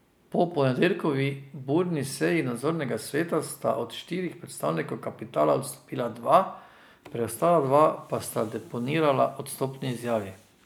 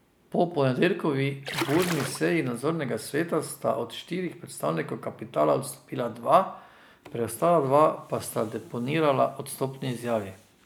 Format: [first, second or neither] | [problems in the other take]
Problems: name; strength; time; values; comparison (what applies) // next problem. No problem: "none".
first | background sound (Splash, splatter); 7 dB below the speech